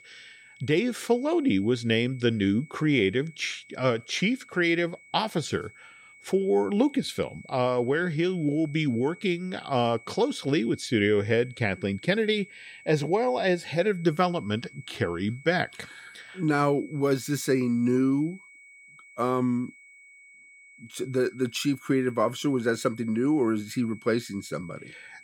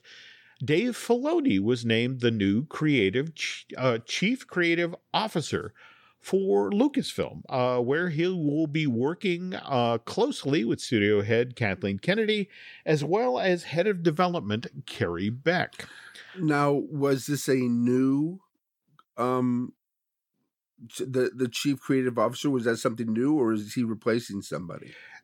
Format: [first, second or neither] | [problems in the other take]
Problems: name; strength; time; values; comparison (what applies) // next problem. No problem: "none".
second | high-pitched whine; faint; throughout; 2 kHz, 25 dB below the speech